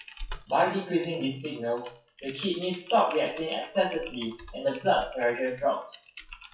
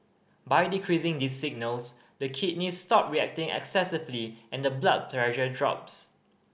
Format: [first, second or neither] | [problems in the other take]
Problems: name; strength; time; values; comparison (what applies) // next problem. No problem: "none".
second | noise reduction (classical method WPE with log-MMSE)